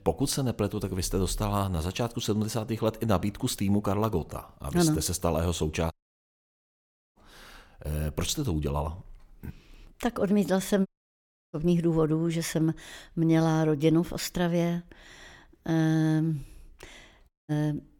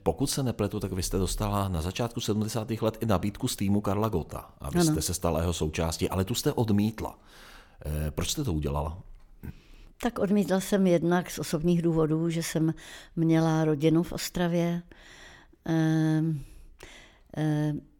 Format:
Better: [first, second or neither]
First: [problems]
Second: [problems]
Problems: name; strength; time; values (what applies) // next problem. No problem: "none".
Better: second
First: audio cutting out; at 6 s for 1 s, at 11 s for 0.5 s and at 17 s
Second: none